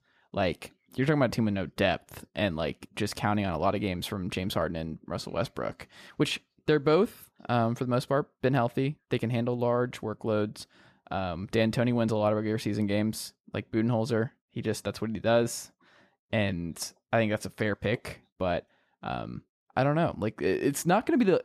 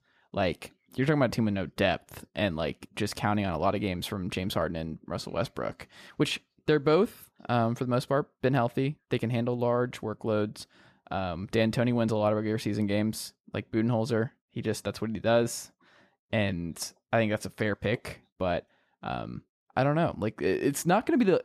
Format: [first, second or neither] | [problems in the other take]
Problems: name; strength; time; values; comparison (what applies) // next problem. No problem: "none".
neither | none